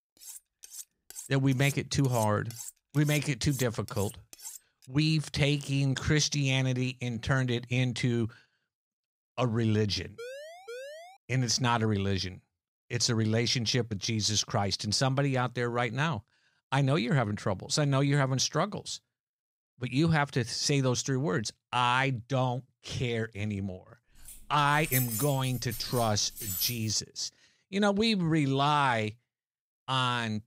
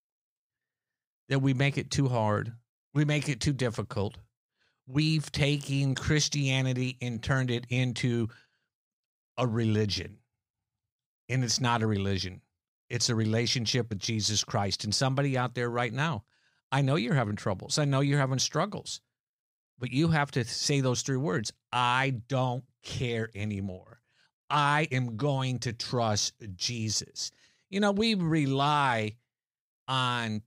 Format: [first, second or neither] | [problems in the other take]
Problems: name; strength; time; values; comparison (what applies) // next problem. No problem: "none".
second | clattering dishes; faint; until 5 s; peak 10 dB below the speech // siren; faint; at 10 s; peak 15 dB below the speech // jangling keys; noticeable; from 24 to 27 s; peak 1 dB below the speech